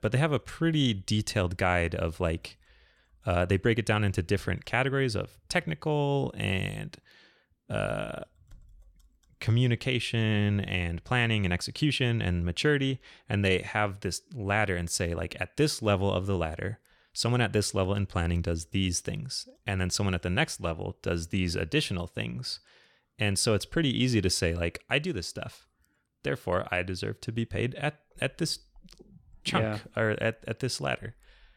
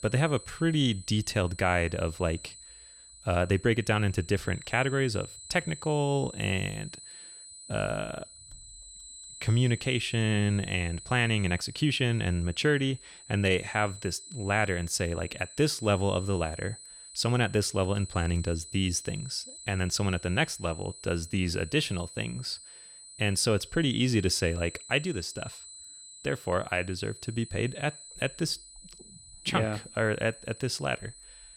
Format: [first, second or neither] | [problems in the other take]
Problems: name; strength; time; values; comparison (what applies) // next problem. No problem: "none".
first | high-pitched whine; noticeable; throughout; 8 kHz, 15 dB below the speech